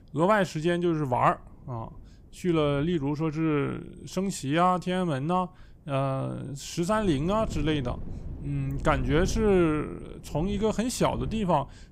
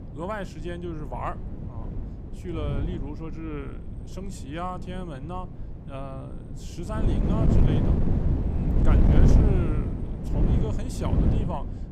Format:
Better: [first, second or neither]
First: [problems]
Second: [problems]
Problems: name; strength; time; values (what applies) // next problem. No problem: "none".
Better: first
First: wind noise on the microphone; occasional gusts; 20 dB below the speech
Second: wind noise on the microphone; heavy; 2 dB above the speech